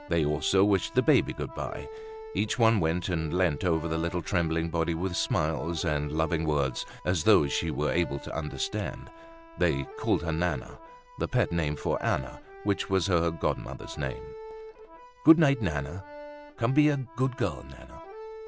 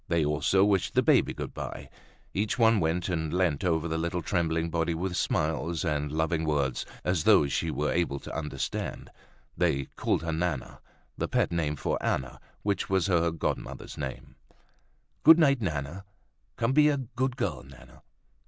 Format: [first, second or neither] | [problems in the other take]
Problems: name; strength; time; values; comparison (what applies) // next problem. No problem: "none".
second | background sound (Accordion); 16 dB below the speech